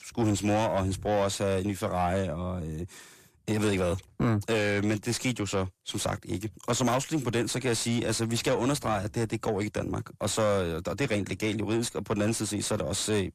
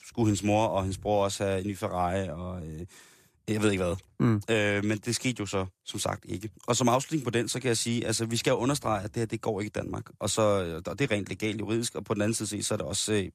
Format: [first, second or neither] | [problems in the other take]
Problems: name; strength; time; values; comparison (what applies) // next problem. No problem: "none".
second | distortion; slight; 10 dB below the speech